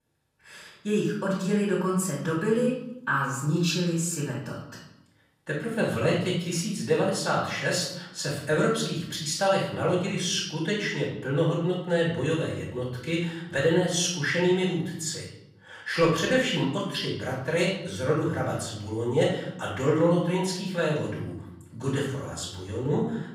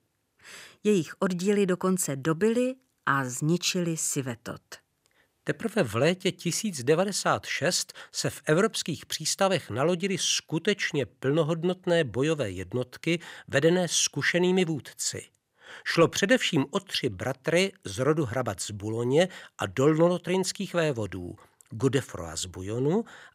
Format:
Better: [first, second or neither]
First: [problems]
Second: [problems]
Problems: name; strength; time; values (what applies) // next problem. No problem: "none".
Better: second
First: off-mic speech; far // room echo; noticeable; dies away in 0.8 s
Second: none